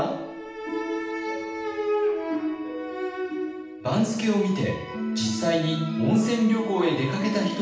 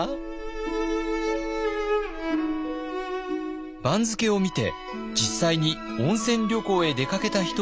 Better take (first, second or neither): second